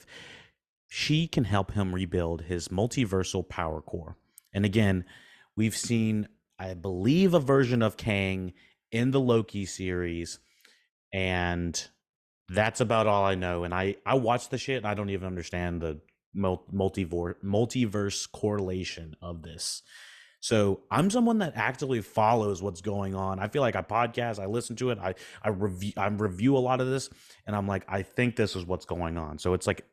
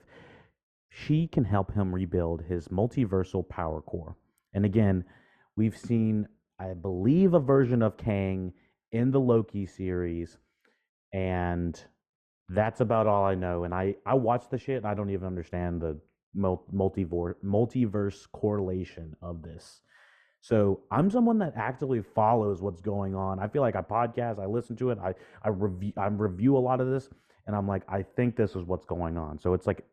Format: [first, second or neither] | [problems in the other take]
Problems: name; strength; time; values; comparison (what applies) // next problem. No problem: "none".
first | muffled; very; fading above 2 kHz